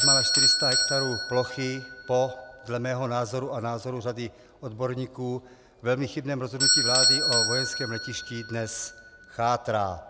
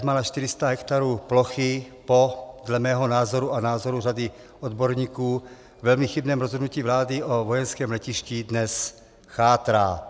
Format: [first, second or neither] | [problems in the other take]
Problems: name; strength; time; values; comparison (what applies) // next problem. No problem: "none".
second | background sound (Bell / Doorbell); 2 dB above the speech